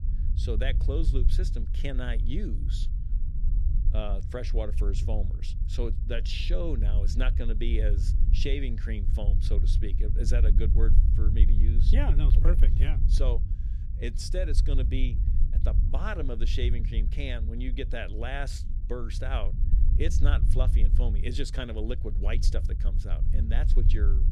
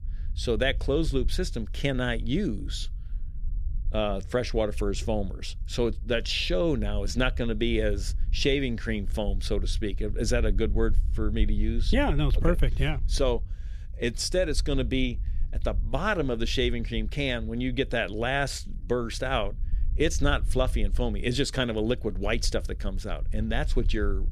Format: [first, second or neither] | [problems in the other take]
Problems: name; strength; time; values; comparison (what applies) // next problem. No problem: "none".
second | low rumble; loud; throughout; 9 dB below the speech; faint in the second